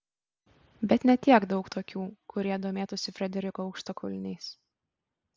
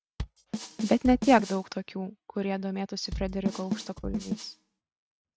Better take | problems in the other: first | noise reduction (neural mask model RNNoise)

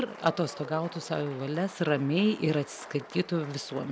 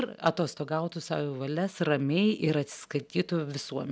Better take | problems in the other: second | background sound (Applause); 17 dB below the speech

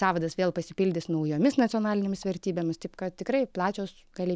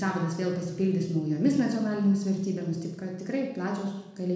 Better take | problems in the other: first | room echo; dies away in 0.9 s

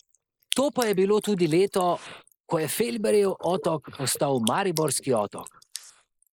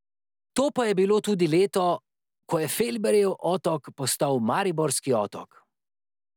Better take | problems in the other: second | noise reduction (neural mask model Resemble Enhance denoiser)

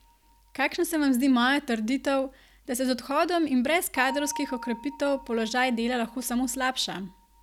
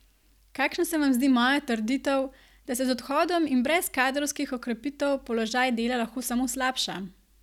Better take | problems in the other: second | background sound (Bell); 19 dB below the speech

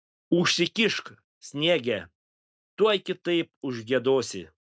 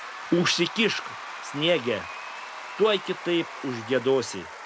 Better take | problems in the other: first | background sound (Applause / Crowd / Cheering); 11 dB below the speech

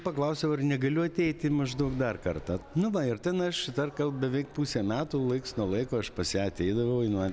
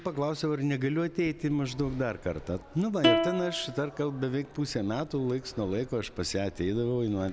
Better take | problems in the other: first | background sound (Plucked string instrument); 2 dB below the speech

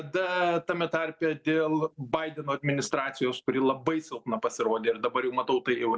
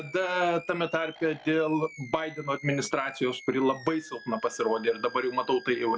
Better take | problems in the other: first | background sound (Animal); 19 dB below the speech

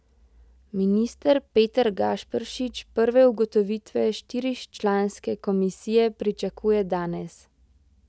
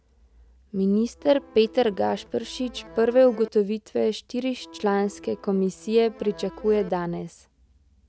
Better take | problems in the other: first | background sound (Accordion); 20 dB below the speech

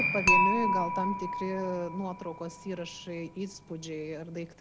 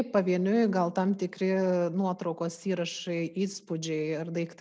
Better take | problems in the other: second | background sound (Piano + Dishes, pots, and pans / Chink, clink); 4 dB above the speech

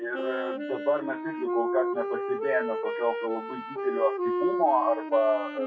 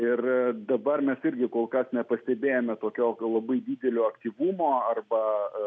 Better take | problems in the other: second | noise reduction (classical method WPE with log-MMSE)

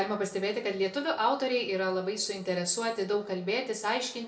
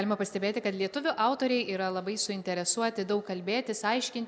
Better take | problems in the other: second | room echo; dies away in 0.3 s

